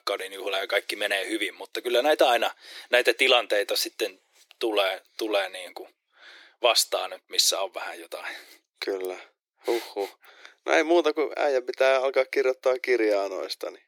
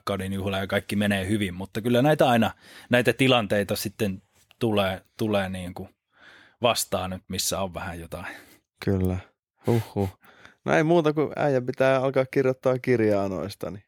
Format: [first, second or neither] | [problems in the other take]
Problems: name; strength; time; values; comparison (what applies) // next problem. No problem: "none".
second | thin; very; fading below 350 Hz